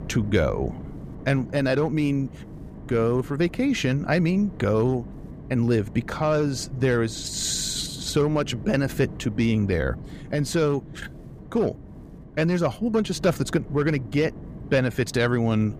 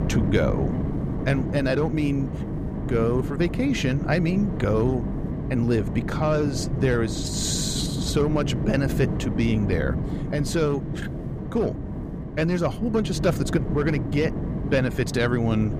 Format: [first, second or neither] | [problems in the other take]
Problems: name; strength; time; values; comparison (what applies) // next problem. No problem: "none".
first | wind noise on the microphone; heavy; 8 dB below the speech; occasional gusts in the first